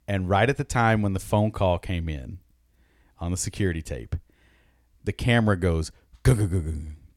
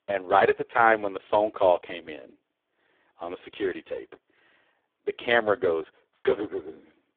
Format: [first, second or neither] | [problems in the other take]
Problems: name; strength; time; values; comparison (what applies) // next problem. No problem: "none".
first | phone-call audio; poor line